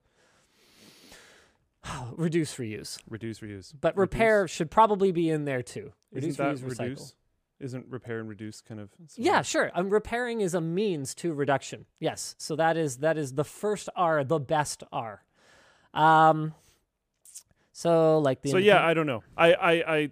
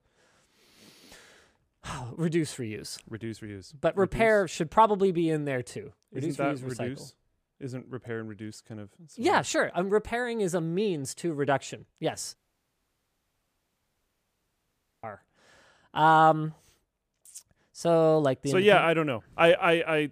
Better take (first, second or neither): first